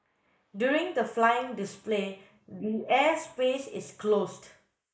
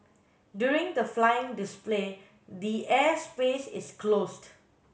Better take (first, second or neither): second